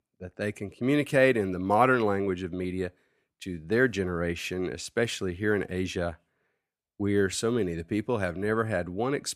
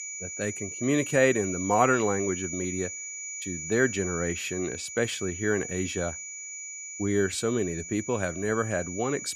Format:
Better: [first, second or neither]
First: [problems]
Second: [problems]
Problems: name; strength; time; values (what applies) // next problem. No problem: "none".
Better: first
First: none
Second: high-pitched whine; loud; throughout; 7 kHz, 7 dB below the speech